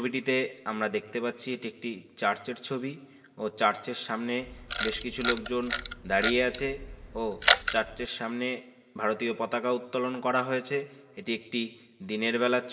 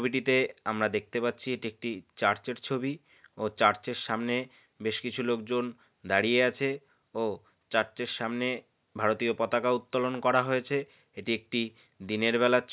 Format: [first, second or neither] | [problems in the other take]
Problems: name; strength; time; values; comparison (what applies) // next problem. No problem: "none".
second | background sound (Camera); 1 dB below the speech // room echo; dies away in 1.8 s